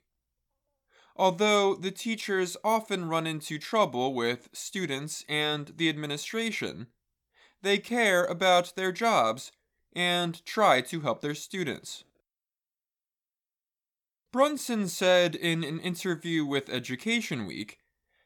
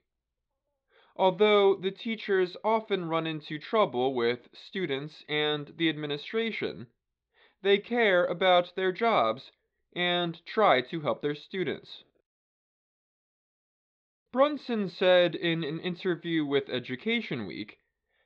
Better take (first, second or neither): first